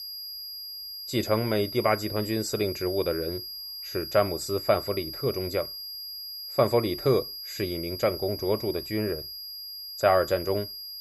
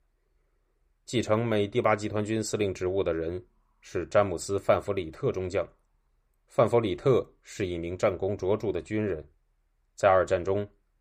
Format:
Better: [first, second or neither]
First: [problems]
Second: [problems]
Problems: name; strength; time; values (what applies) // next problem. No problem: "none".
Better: second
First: high-pitched whine; loud; throughout; 5 kHz, 8 dB below the speech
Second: none